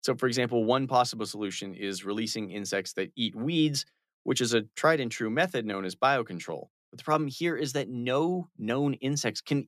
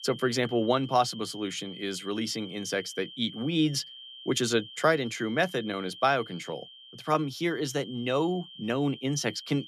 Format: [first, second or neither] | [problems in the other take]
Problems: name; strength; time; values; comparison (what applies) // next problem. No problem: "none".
first | high-pitched whine; noticeable; throughout; 3 kHz, 15 dB below the speech